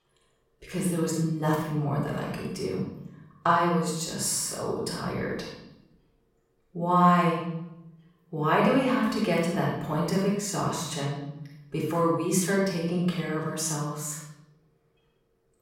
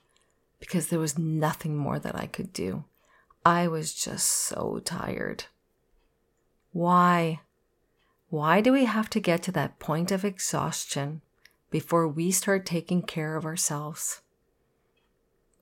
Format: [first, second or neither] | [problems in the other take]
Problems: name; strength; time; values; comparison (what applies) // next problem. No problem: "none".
second | off-mic speech; far // room echo; noticeable; dies away in 0.8 s